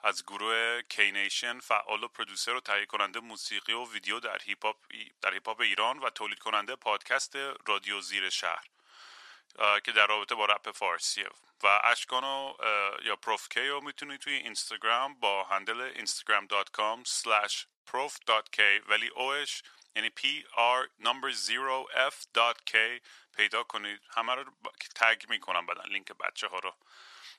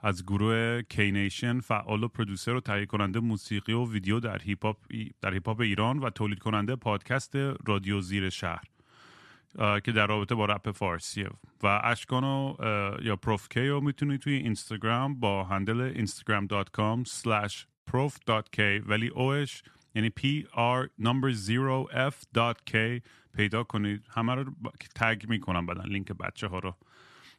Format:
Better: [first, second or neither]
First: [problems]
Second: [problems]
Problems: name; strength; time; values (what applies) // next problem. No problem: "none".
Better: second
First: thin; very; fading below 600 Hz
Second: none